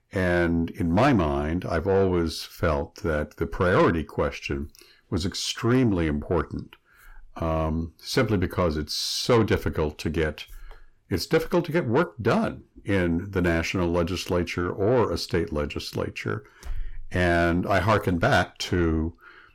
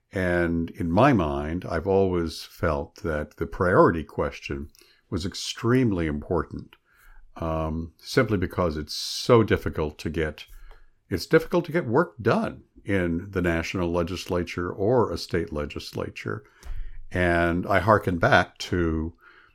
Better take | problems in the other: second | distortion; slight; 10 dB below the speech

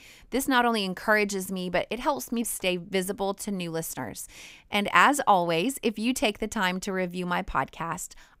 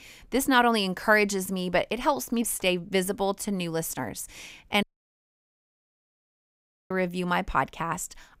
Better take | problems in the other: first | audio cutting out; at 5 s for 2 s

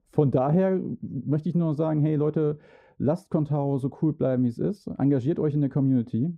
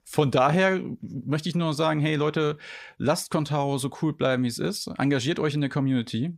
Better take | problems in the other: second | muffled; very; fading above 1 kHz

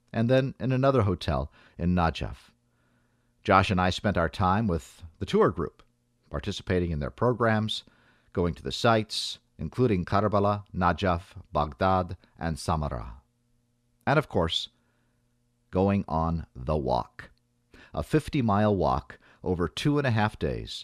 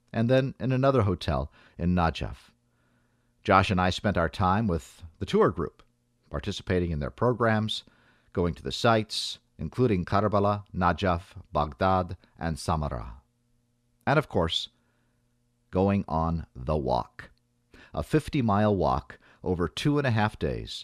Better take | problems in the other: neither | none

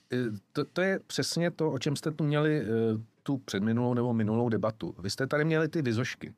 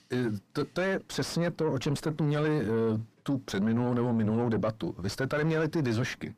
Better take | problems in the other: first | distortion; slight; 10 dB below the speech

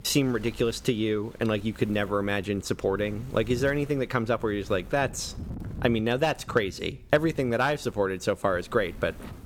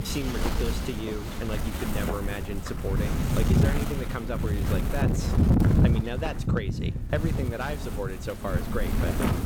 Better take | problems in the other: first | wind noise on the microphone; heavy; as loud as the speech; occasional gusts in the first

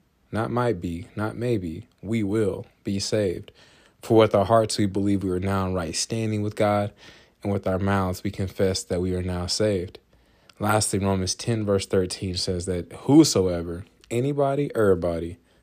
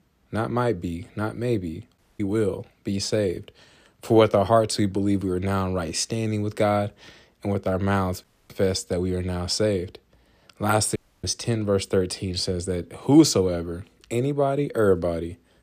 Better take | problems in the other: first | audio cutting out; at 2 s, at 8 s and at 11 s

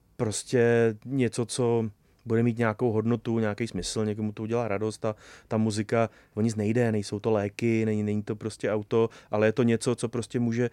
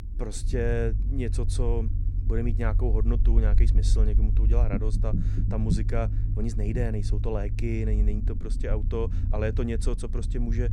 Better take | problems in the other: first | low rumble; loud; throughout; 9 dB below the speech

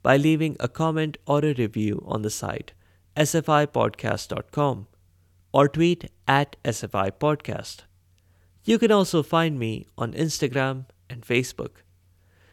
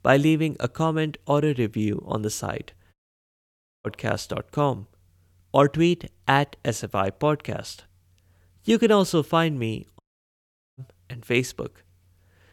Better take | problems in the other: first | audio cutting out; at 3 s for 1 s and at 10 s for 1 s

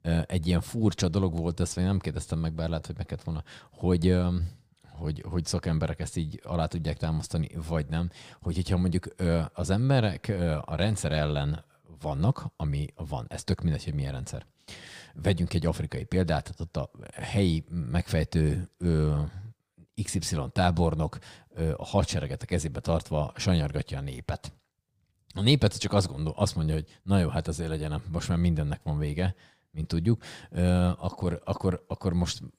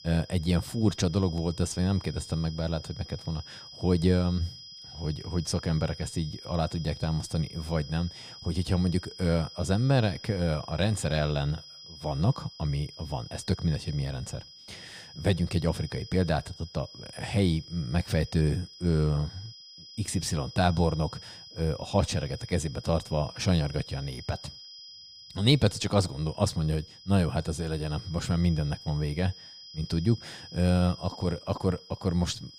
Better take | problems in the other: first | high-pitched whine; noticeable; throughout; 5 kHz, 15 dB below the speech

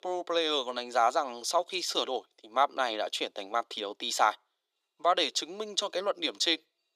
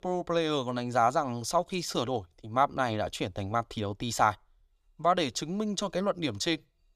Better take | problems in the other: second | thin; somewhat; fading below 350 Hz

